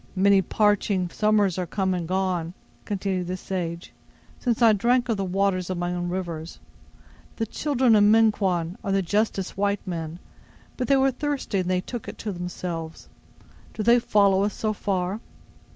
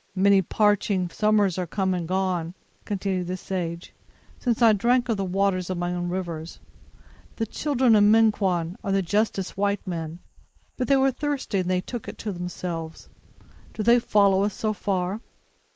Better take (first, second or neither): first